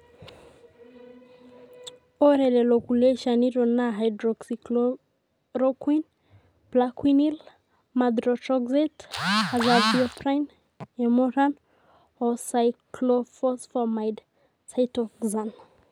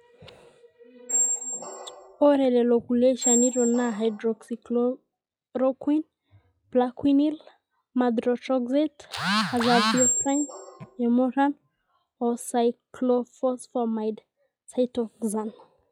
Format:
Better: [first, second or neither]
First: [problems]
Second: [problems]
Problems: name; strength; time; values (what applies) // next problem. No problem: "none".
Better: first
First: none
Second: noise reduction (classical method log-MMSE)